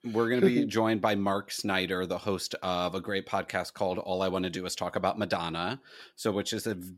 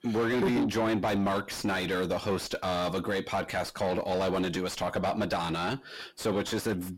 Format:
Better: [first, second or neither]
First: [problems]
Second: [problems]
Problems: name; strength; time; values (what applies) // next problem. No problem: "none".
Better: first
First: none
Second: distortion; heavy; 6 dB below the speech